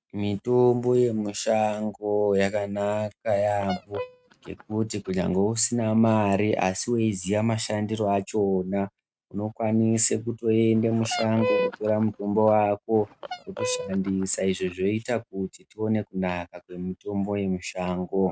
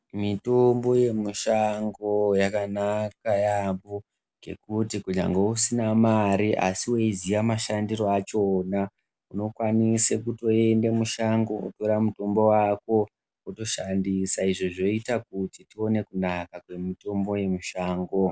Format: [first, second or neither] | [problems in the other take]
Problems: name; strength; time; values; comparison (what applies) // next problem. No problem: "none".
second | noise reduction (neural mask model RNNoise)